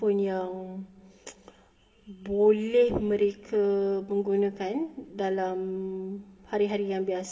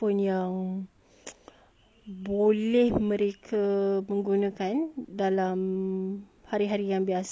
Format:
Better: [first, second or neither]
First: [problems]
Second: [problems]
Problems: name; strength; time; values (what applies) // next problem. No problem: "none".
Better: second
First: room echo; dies away in 1.2 s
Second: none